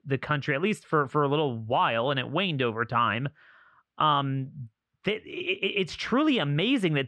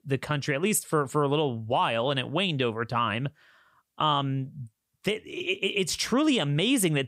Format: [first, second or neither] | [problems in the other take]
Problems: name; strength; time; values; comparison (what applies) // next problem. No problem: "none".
second | muffled; slightly; fading above 2.5 kHz